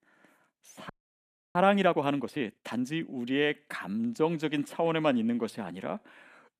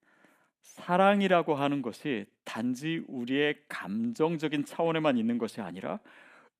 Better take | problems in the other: second | audio freezing; at 1 s for 0.5 s

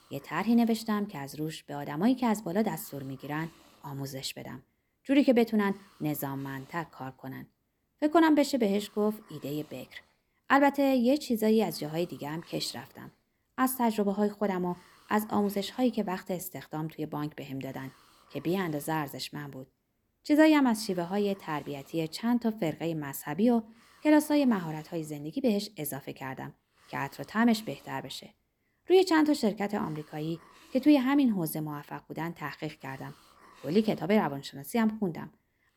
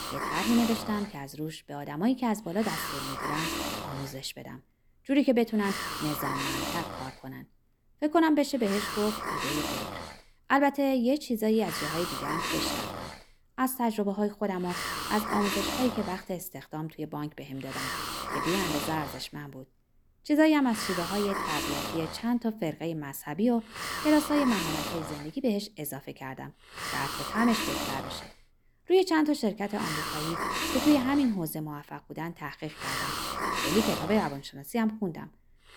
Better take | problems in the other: first | hiss; loud; throughout; 3 dB below the speech; faint in the first

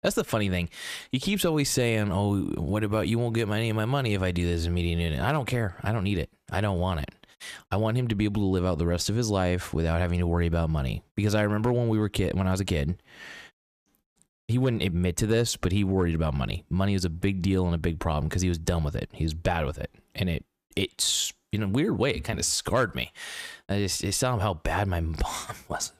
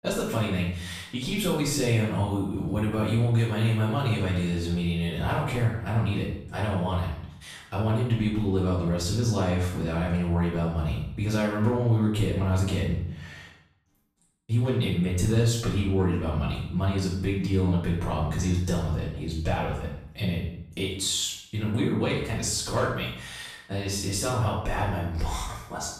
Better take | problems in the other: first | off-mic speech; far // room echo; noticeable; dies away in 0.6 s

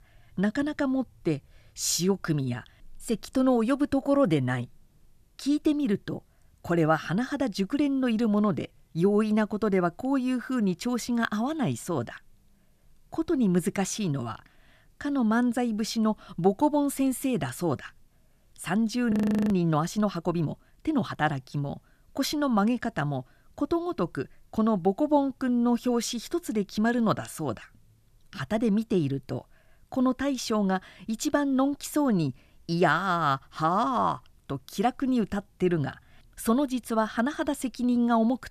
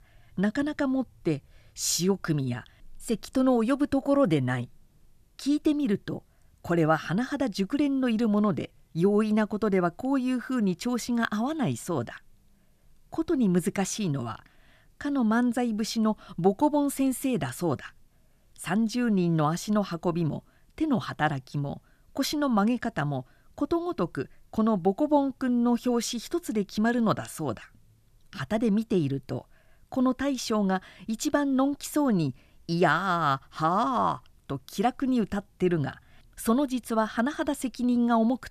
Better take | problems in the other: second | audio freezing; at 19 s

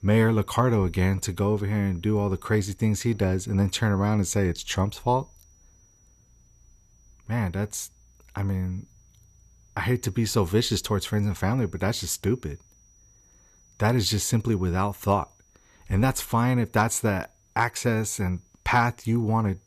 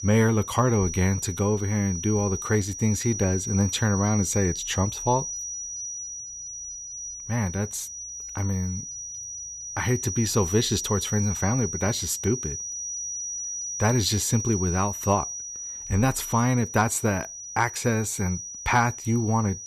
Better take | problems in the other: first | high-pitched whine; loud; throughout; 6 kHz, 6 dB below the speech; faint in the first

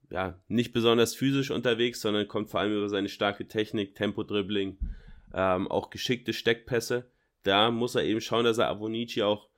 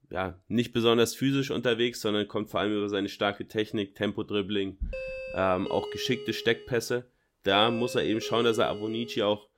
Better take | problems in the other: first | doorbell; noticeable; from 5 s on; peak 8 dB below the speech

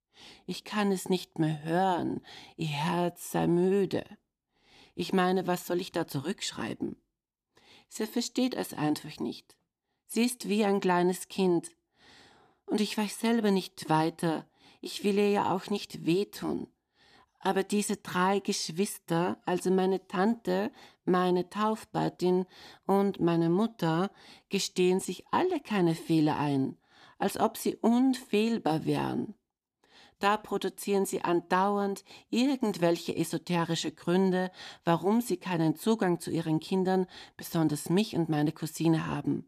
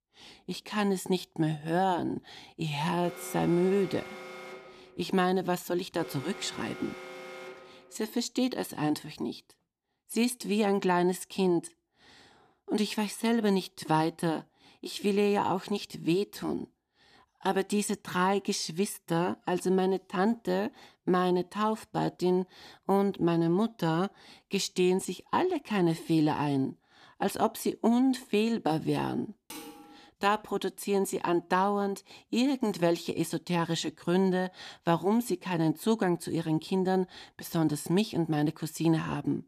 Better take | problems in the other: first | alarm; faint; from 3 to 8 s; peak 15 dB below the speech // clattering dishes; faint; at 30 s; peak 15 dB below the speech

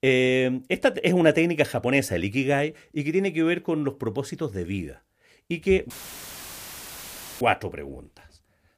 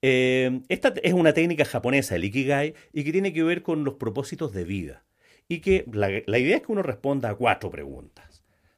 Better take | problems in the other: second | audio cutting out; filled with static; at 6 s for 1.5 s

